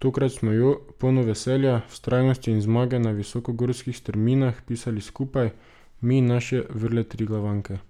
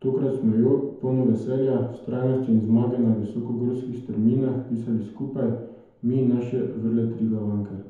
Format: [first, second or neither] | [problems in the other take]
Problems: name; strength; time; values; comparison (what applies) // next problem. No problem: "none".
first | room echo; dies away in 0.9 s